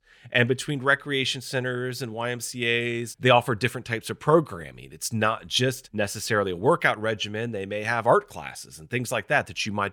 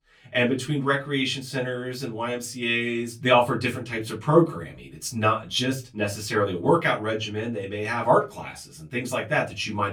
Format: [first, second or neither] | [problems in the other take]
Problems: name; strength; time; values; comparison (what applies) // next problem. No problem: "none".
first | off-mic speech; far // room echo; very slight; dies away in 0.2 s